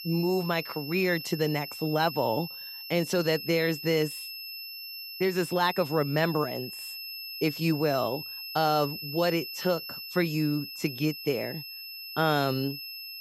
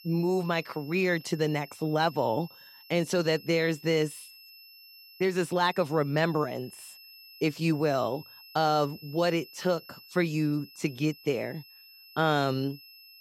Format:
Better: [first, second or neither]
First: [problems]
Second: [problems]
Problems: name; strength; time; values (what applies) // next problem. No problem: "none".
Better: second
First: high-pitched whine; loud; throughout; 5 kHz, 9 dB below the speech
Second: high-pitched whine; faint; throughout; 5 kHz, 20 dB below the speech